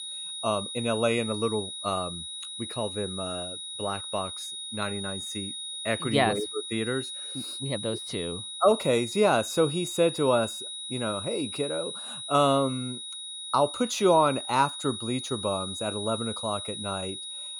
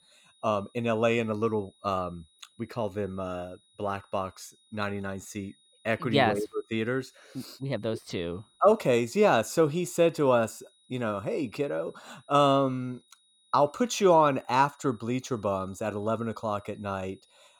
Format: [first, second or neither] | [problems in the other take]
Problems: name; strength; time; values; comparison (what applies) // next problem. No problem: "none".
second | high-pitched whine; loud; throughout; 4 kHz, 6 dB below the speech; faint in the second